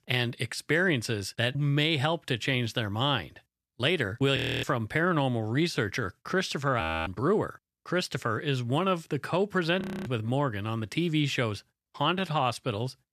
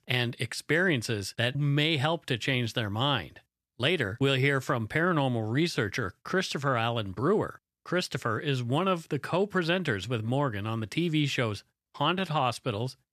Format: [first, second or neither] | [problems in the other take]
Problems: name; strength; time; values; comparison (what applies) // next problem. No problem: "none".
second | audio freezing; at 4.5 s, at 7 s and at 10 s